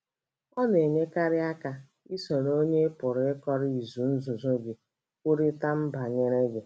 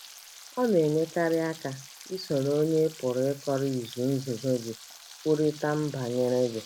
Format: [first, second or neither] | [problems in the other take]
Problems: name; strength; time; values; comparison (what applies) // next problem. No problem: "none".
first | background sound (Frying (food)); 19 dB below the speech